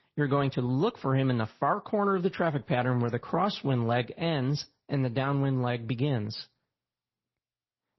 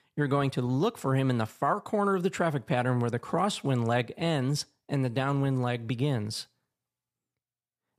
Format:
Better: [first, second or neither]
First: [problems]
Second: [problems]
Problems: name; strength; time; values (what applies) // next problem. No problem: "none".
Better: second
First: garbled, watery; slightly; nothing above 5.5 kHz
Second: none